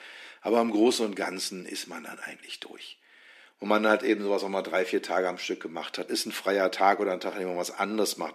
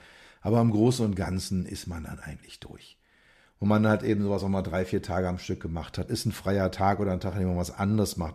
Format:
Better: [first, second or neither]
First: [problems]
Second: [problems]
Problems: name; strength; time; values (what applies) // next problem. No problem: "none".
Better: second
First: thin; somewhat; fading below 250 Hz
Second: none